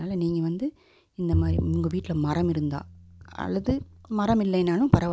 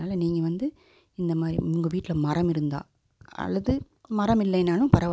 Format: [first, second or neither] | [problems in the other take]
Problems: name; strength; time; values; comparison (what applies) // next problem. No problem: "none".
second | background sound (Bowed string instrument); 7 dB below the speech